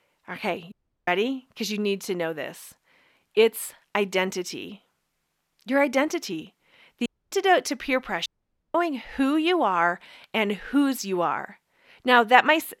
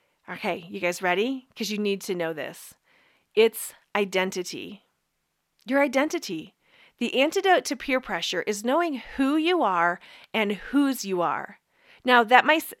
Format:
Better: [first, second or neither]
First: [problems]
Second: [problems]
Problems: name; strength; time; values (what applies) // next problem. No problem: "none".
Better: second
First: audio cutting out; at 0.5 s, at 7 s and at 8.5 s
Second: none